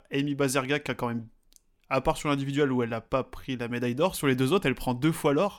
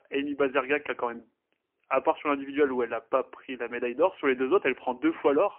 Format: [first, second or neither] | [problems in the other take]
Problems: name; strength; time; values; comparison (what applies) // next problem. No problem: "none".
first | phone-call audio; poor line; nothing above 3 kHz